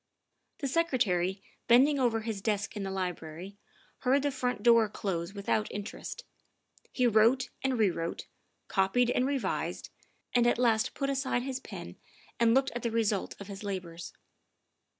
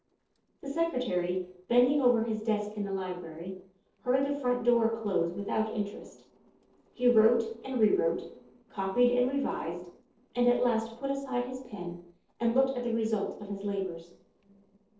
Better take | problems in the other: first | noise reduction (neural separator model SepFormer DNS4)

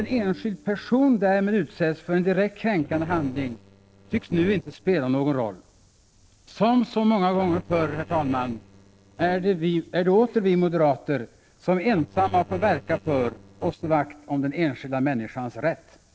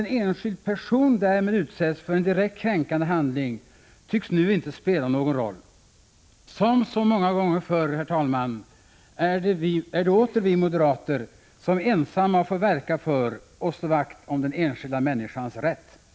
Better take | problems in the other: second | noise reduction (neural separator model SepFormer DNS4)

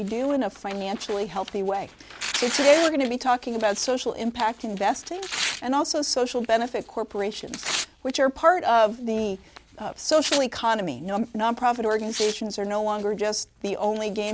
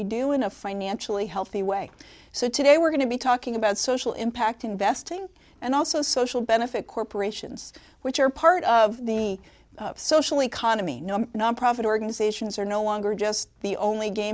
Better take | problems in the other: second | background sound (Tearing); 12 dB below the speech

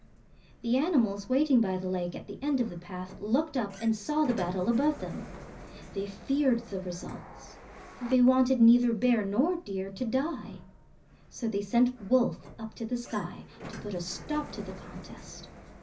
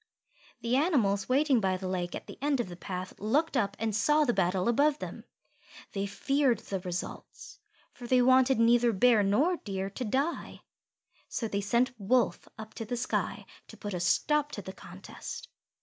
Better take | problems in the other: second | background sound (Sliding door); 18 dB below the speech // room echo; dies away in 0.4 s

